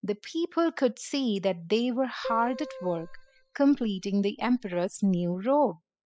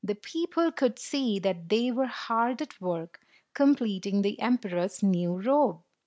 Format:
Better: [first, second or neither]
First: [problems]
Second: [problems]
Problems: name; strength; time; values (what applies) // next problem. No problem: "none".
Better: second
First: noise reduction (classical method spectral subtraction)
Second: none